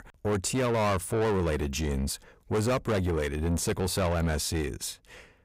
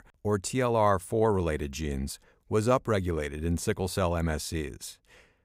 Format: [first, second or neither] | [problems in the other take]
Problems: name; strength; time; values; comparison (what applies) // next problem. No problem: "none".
second | distortion; heavy; 7 dB below the speech